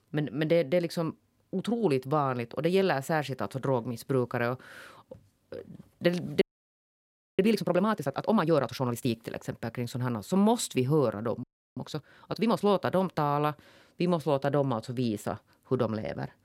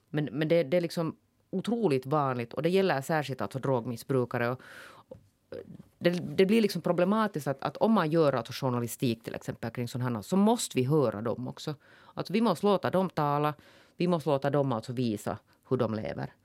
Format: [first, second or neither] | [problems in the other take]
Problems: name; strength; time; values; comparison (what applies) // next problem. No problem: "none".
second | audio freezing; at 6.5 s for 1 s and at 11 s